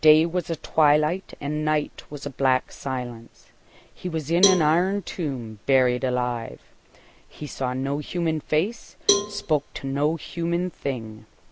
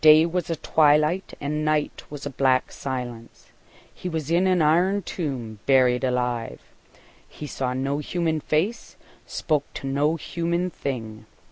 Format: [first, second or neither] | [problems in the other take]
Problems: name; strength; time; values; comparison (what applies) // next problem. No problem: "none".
second | background sound (Cowbell); 5 dB below the speech